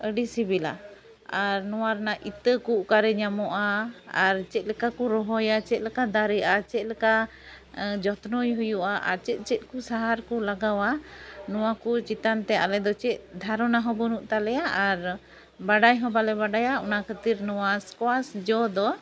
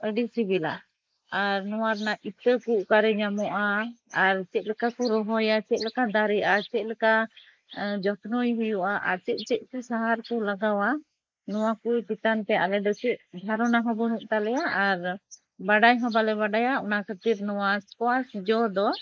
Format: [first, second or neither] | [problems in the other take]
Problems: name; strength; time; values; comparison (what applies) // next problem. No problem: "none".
first | noise reduction (neural mask model Resemble Enhance denoiser)